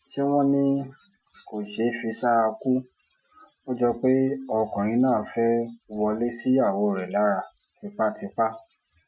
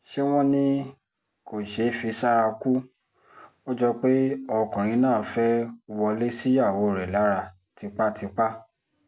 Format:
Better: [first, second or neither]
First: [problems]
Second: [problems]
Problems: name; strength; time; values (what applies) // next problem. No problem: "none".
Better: second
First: noise reduction (classical method Wiener filter)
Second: none